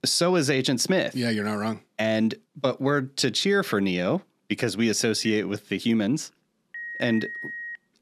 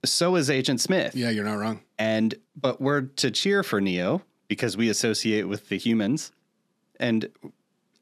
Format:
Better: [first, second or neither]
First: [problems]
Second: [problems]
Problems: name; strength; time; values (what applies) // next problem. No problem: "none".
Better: second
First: phone ringing; noticeable; from 5.5 s on; peak 8 dB below the speech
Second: none